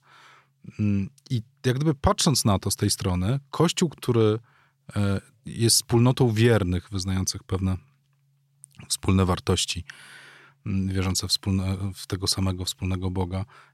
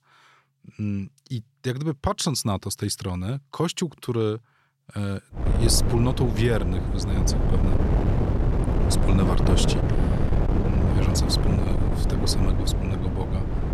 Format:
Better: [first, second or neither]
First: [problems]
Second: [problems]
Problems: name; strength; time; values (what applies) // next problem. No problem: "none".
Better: first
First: none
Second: wind noise on the microphone; heavy; from 5.5 s on; 2 dB below the speech